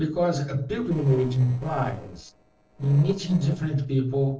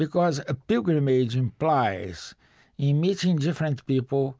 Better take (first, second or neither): second